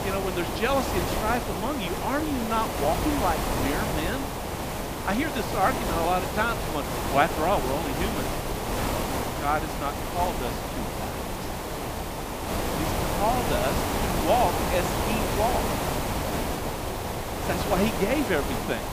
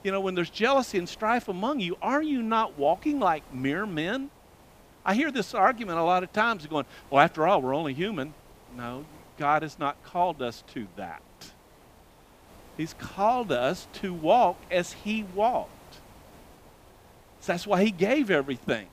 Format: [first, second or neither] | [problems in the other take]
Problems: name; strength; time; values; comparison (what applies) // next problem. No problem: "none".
second | hiss; loud; throughout; as loud as the speech; faint in the second